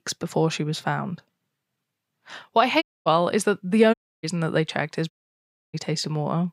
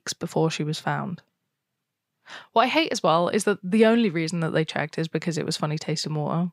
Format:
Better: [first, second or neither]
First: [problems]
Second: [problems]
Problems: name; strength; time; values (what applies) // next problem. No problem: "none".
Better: second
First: audio cutting out; at 3 s, at 4 s and at 5 s for 0.5 s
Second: none